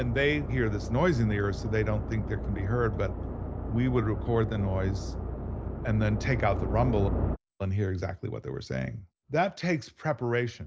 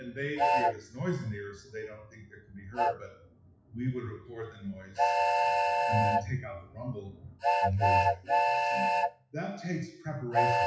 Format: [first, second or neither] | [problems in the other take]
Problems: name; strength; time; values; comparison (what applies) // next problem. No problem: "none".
first | noise reduction (classical method WPE with log-MMSE)